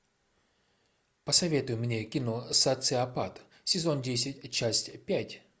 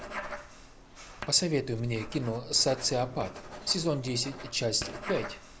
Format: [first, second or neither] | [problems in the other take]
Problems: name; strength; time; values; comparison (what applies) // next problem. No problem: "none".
first | background sound (Writing); 11 dB below the speech